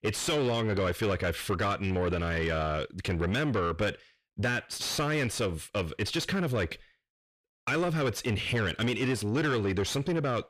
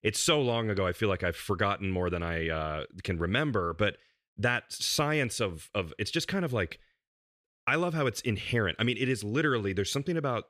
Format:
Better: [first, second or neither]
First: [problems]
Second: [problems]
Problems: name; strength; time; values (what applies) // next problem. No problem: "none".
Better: second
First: distortion; heavy; 7 dB below the speech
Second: none